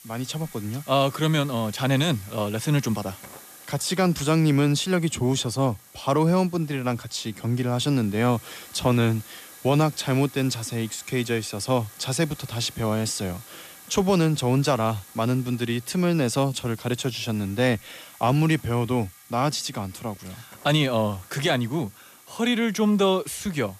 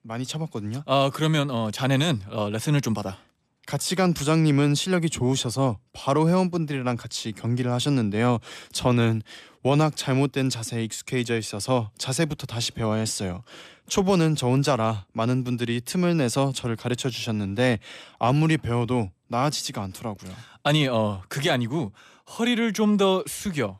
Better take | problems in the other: second | hiss; faint; throughout; 20 dB below the speech

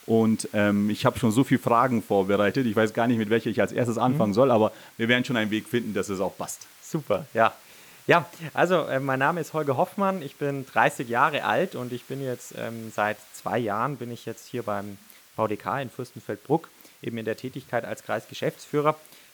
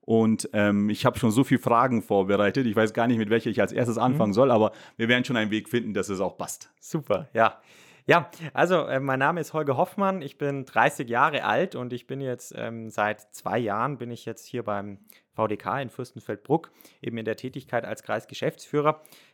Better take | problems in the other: second | hiss; faint; throughout; 25 dB below the speech

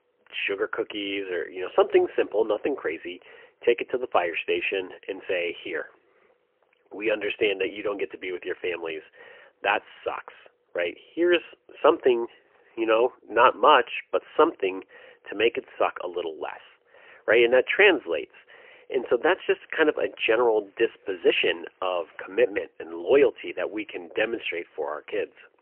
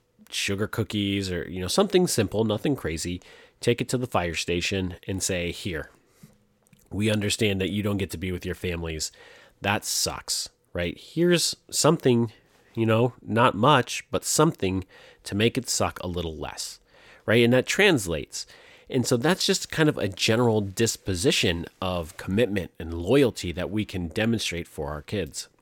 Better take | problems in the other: second | phone-call audio; poor line; nothing above 3 kHz

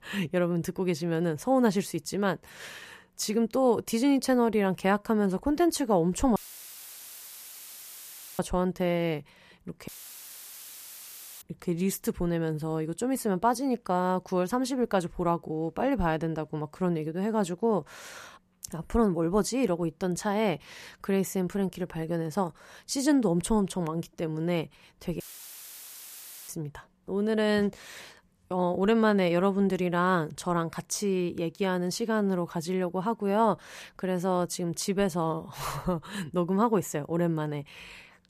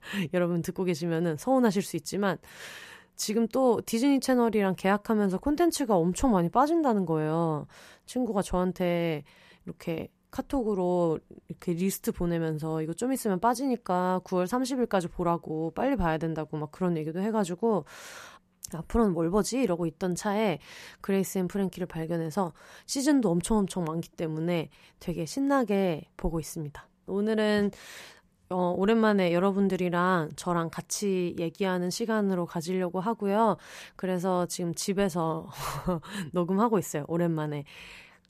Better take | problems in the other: second | audio cutting out; filled with static; at 6.5 s for 2 s, at 10 s for 1.5 s and at 25 s for 1.5 s

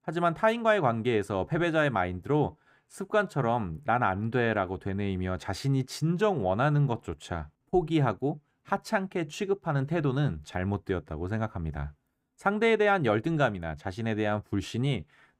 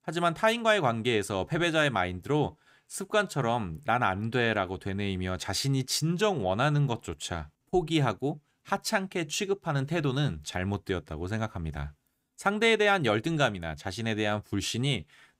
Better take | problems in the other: second | muffled; slightly; fading above 2.5 kHz

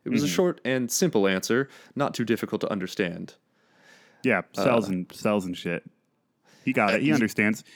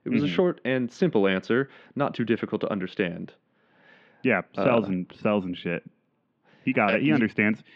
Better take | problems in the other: first | muffled; very; fading above 3 kHz

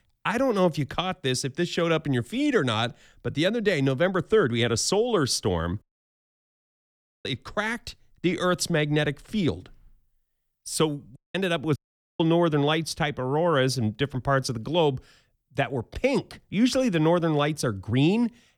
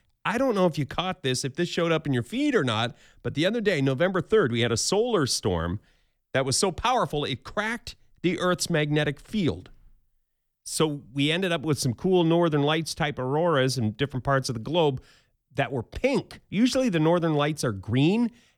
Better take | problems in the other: second | audio cutting out; at 6 s for 1.5 s, at 11 s and at 12 s

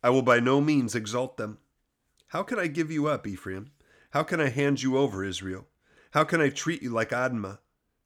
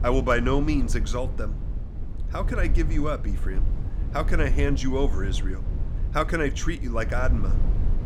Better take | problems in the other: first | low rumble; noticeable; throughout; 15 dB below the speech

